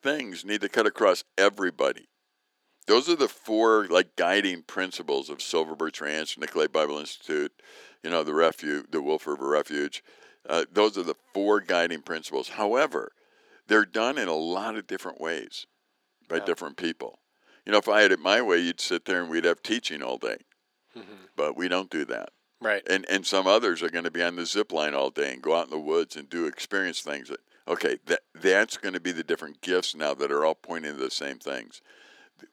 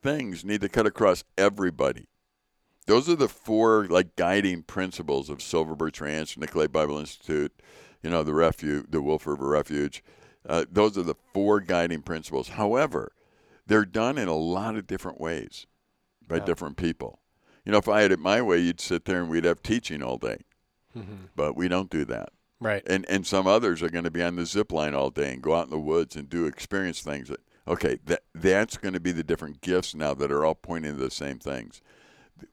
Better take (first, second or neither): second